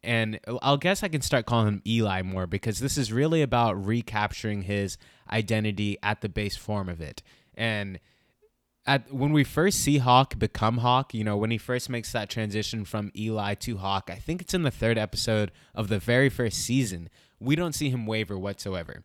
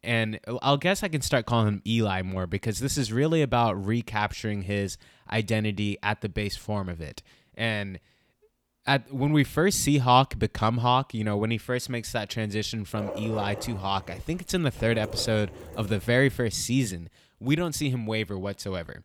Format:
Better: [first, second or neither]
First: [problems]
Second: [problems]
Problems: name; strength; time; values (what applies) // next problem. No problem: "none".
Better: first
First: none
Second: dog barking; noticeable; from 13 to 16 s; peak 9 dB below the speech